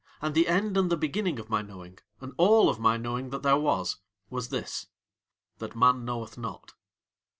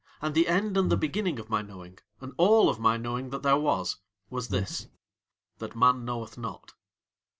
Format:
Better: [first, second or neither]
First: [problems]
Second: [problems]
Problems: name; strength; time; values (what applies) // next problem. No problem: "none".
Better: first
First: none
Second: background sound (Breathing); 5 dB below the speech